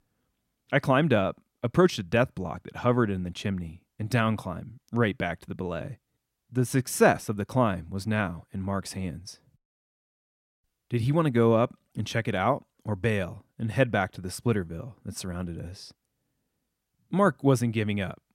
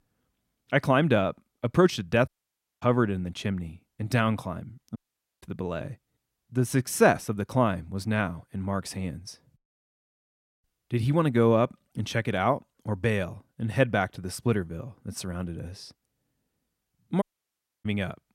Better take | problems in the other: first | audio cutting out; at 2.5 s for 0.5 s, at 5 s and at 17 s for 0.5 s

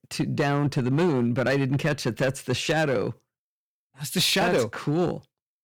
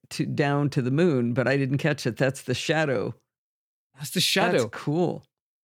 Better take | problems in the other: second | distortion; slight; 7% of the sound clipped

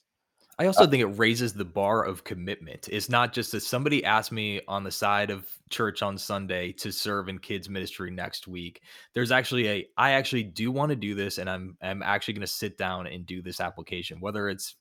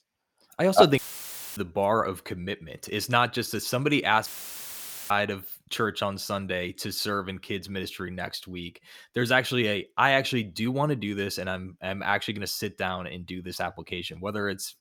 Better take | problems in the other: first | audio cutting out; filled with static; at 1 s for 0.5 s and at 4.5 s for 1 s

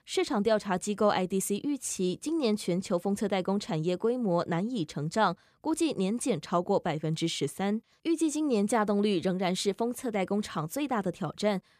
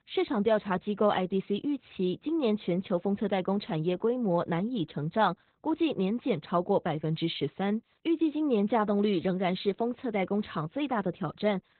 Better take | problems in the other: first | garbled, watery; badly; nothing above 4 kHz

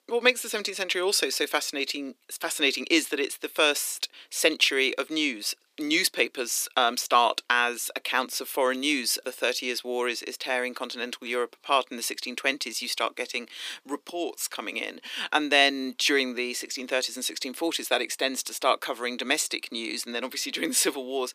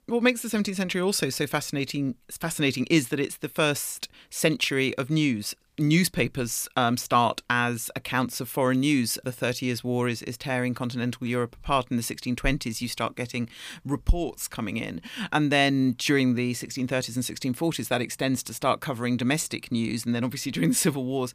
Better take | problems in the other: second | thin; somewhat; fading below 300 Hz

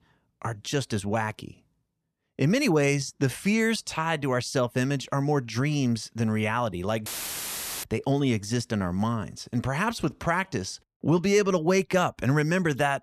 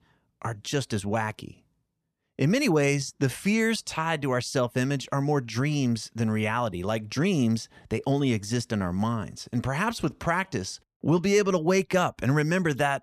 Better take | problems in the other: second | audio cutting out; filled with static; at 7 s for 1 s

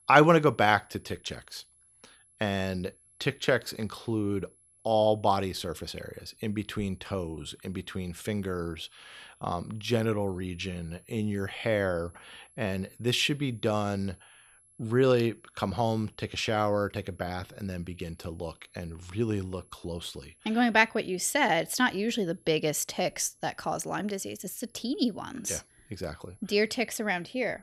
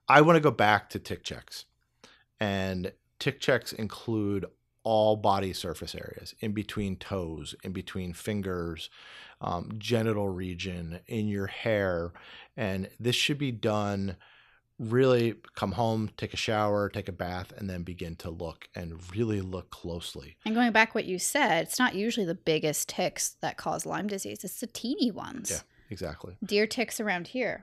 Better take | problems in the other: second | high-pitched whine; faint; throughout; 11 kHz, 30 dB below the speech

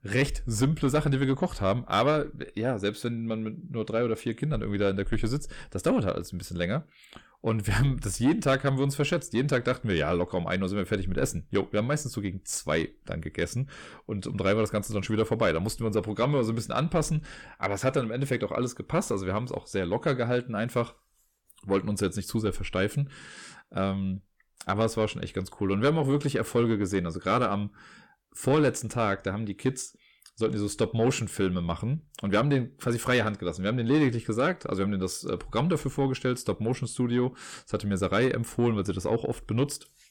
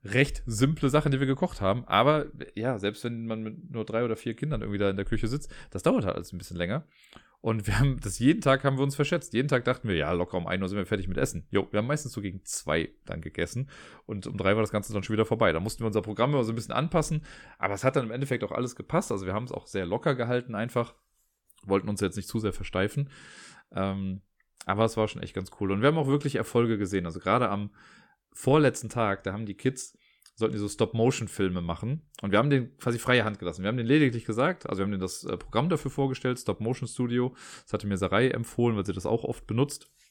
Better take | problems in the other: second | distortion; slight; 10 dB below the speech

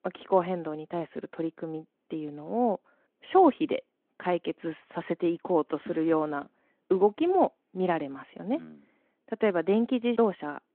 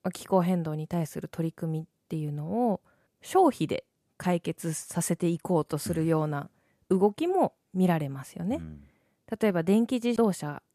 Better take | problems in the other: second | phone-call audio

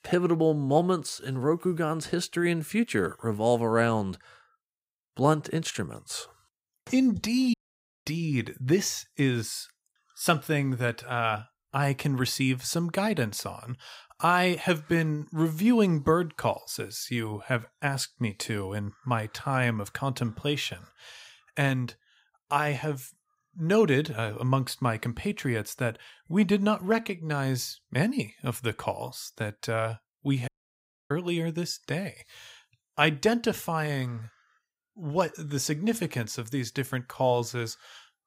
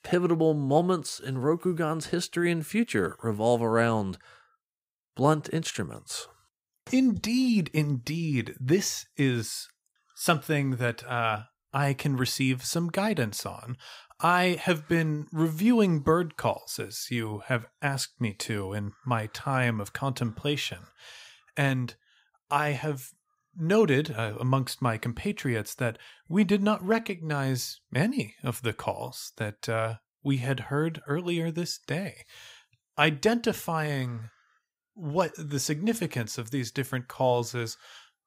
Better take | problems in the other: second | audio cutting out; at 7.5 s for 0.5 s and at 30 s for 0.5 s

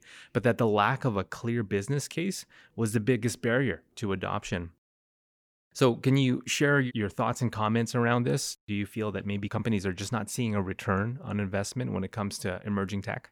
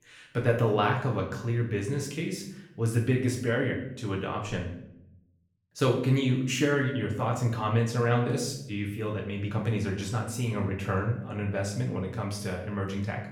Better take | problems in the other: first | room echo; slight; dies away in 0.6 s // off-mic speech; far

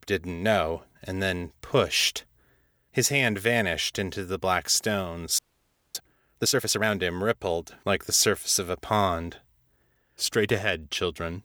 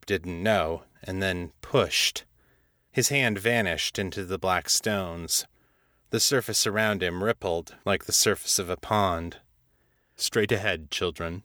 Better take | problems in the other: second | audio freezing; at 5.5 s for 0.5 s

